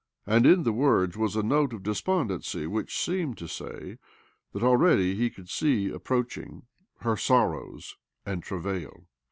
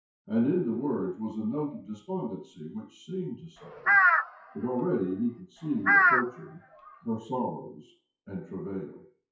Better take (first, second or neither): first